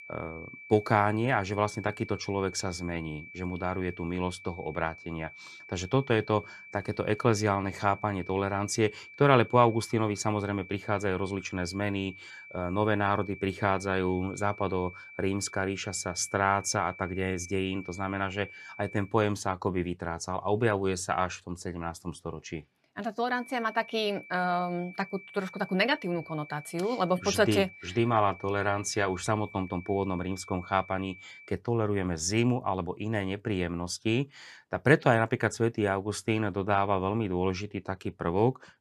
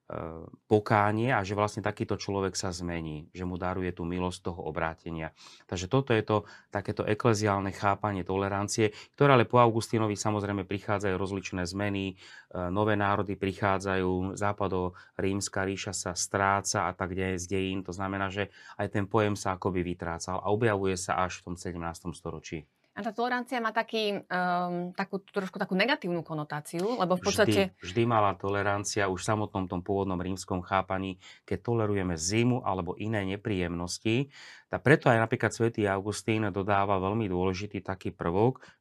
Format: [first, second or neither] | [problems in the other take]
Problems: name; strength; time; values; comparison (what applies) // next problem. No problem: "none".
second | high-pitched whine; noticeable; until 19 s and from 23 to 31 s; 2.5 kHz, 15 dB below the speech